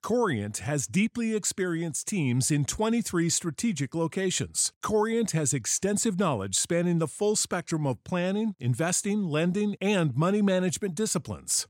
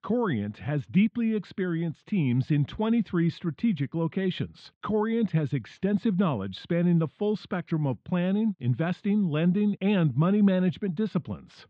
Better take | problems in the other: first | muffled; very; fading above 3.5 kHz

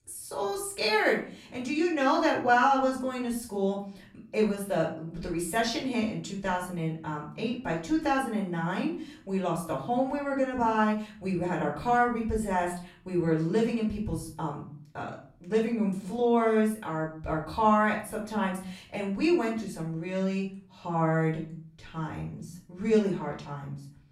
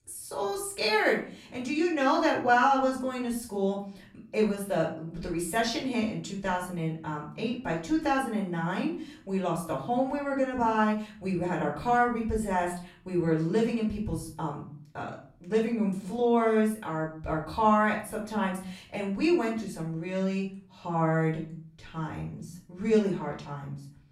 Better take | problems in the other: neither | off-mic speech; far; the same in both // room echo; slight; dies away in 0.5 s; the same in both

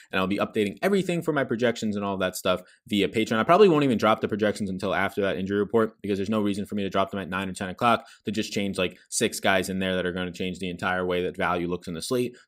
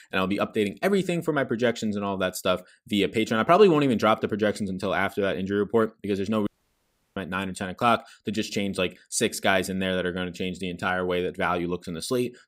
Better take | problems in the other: first | audio cutting out; at 6.5 s for 0.5 s

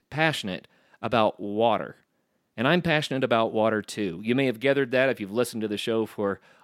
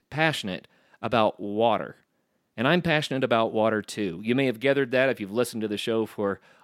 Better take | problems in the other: neither | none

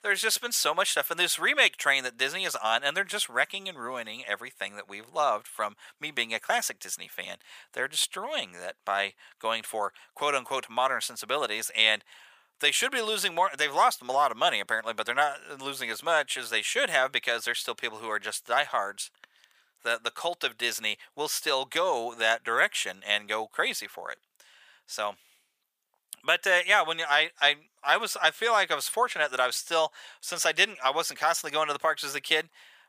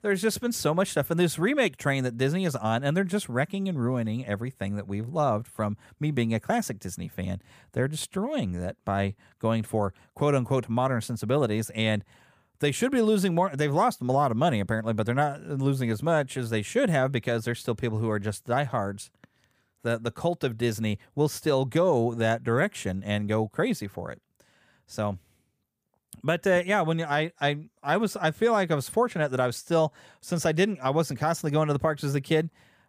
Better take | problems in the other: second | thin; very; fading below 950 Hz

